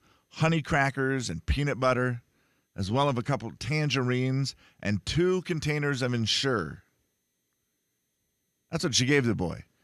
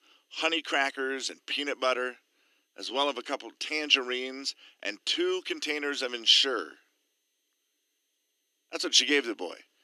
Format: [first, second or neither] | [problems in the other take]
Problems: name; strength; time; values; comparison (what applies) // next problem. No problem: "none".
first | thin; somewhat; fading below 300 Hz